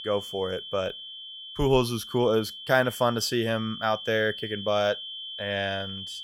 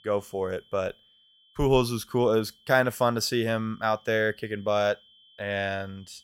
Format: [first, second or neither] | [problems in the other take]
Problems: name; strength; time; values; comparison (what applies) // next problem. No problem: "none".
second | high-pitched whine; loud; throughout; 3 kHz, 10 dB below the speech; faint in the second